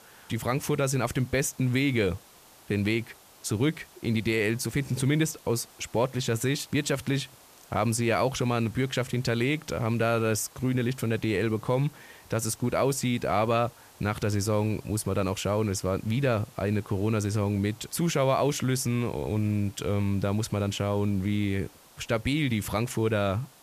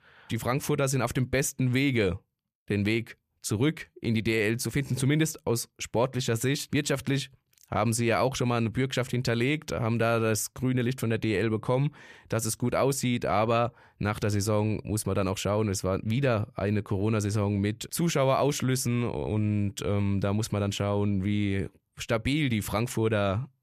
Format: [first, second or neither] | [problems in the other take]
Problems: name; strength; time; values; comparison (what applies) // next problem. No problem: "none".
second | hiss; faint; throughout; 25 dB below the speech